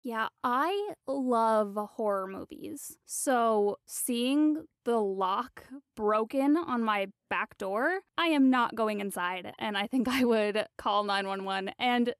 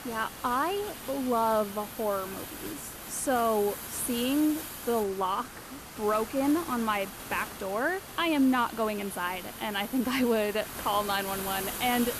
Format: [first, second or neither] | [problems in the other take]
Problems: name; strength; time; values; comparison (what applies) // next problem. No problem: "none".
first | hiss; loud; throughout; 10 dB below the speech